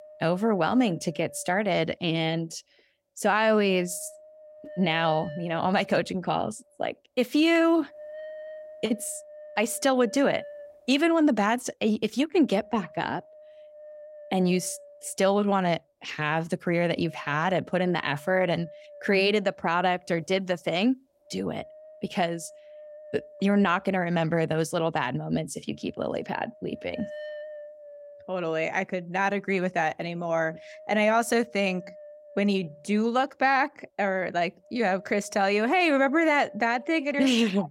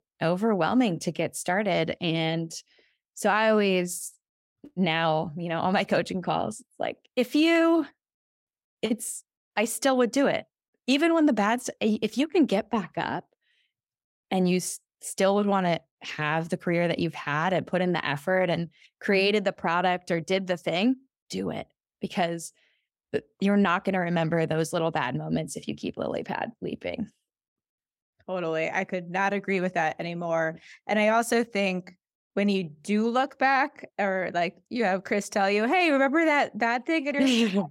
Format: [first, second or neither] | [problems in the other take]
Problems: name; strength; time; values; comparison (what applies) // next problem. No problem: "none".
second | wind noise on the microphone; occasional gusts; 20 dB below the speech